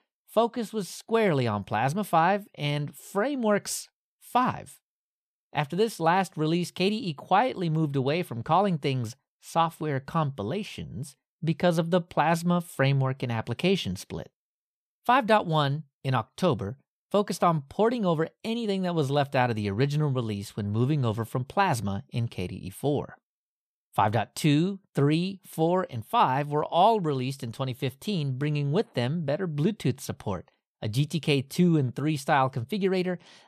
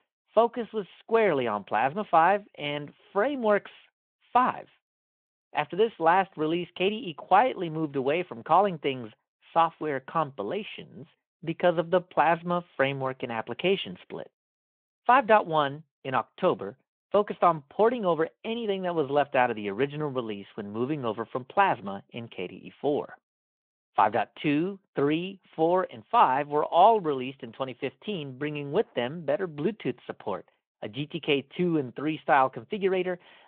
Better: first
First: none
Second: phone-call audio

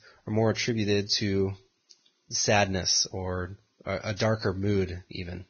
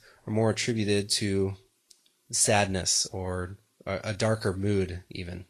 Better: second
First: garbled, watery; badly; nothing above 6.5 kHz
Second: garbled, watery; slightly; nothing above 10 kHz

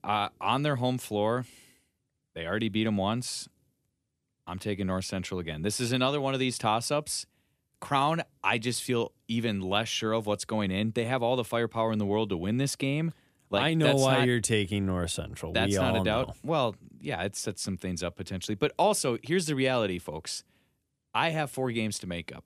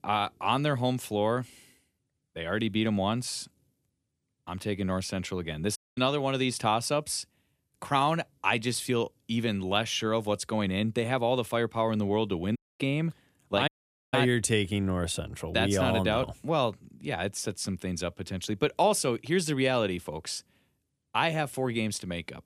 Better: first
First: none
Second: audio cutting out; at 6 s, at 13 s and at 14 s

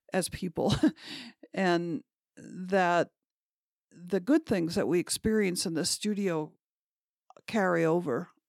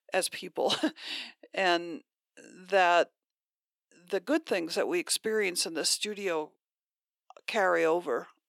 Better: first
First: none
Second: thin; somewhat; fading below 500 Hz

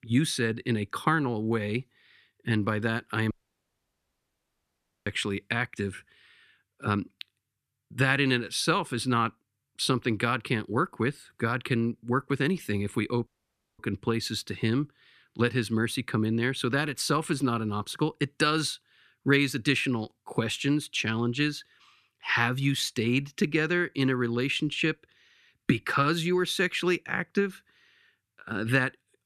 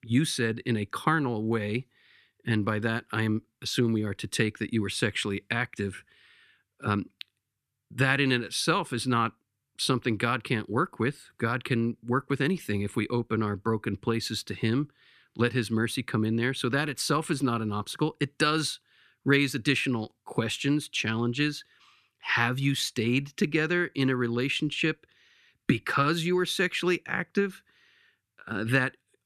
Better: second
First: audio cutting out; at 3.5 s for 1.5 s and at 13 s for 0.5 s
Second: none

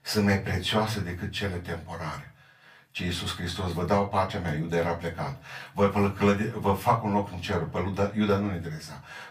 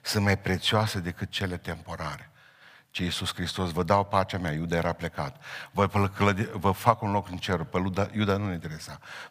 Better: second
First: off-mic speech; far // room echo; very slight; dies away in 0.2 s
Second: none

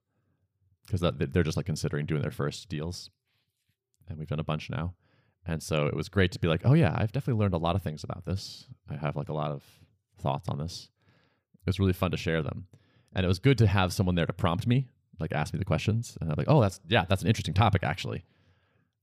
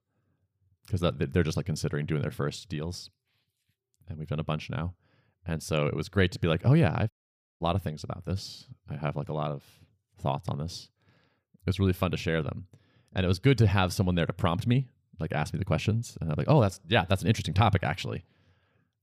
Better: first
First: none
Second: audio cutting out; at 7 s for 0.5 s

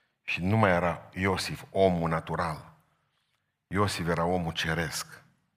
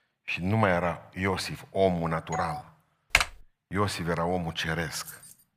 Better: first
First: none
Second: doorbell; noticeable; at 2.5 s; peak 7 dB below the speech // keyboard typing; loud; at 3 s; peak 4 dB above the speech // jangling keys; faint; at 5 s; peak 15 dB below the speech

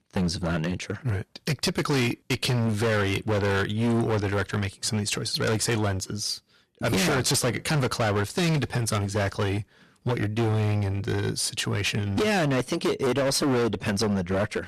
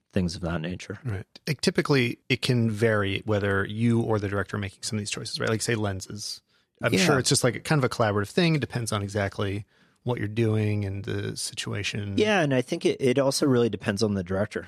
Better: second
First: distortion; heavy; 22% of the sound clipped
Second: none

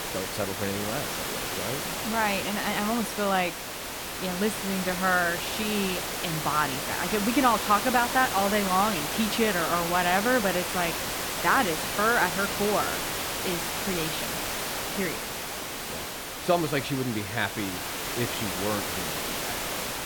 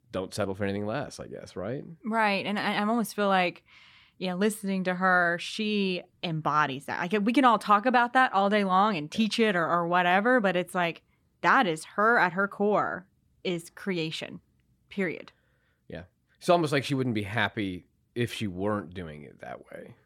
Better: second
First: hiss; loud; throughout; 2 dB below the speech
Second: none

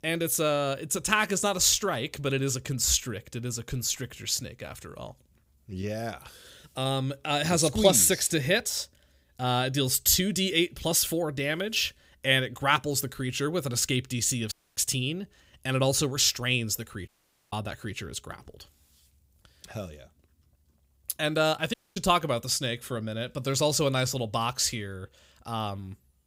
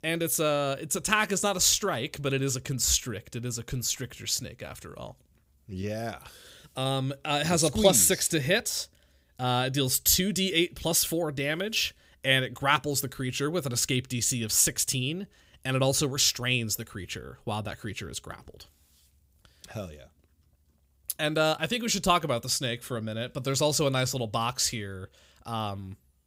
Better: second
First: audio cutting out; at 15 s, at 17 s and at 22 s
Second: none

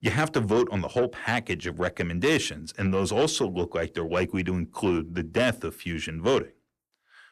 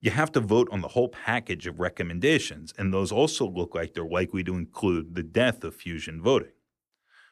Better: second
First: distortion; slight; 10 dB below the speech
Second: none

